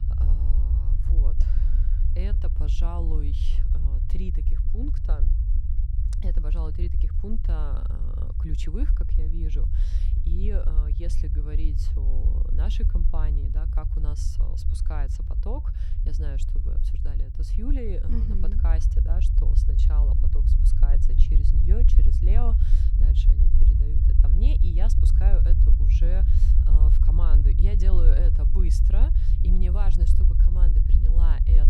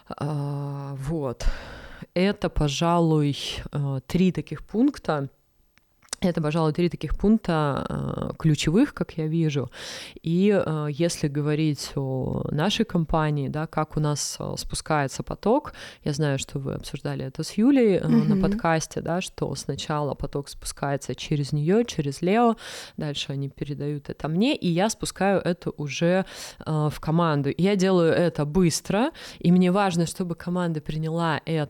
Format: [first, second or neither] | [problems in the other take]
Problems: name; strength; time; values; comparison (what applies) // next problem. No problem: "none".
second | low rumble; loud; throughout; 1 dB below the speech